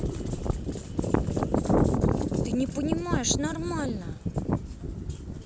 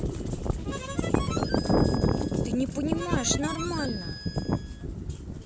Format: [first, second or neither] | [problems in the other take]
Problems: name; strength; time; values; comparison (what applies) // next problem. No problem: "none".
first | background sound (Harmonica); 13 dB below the speech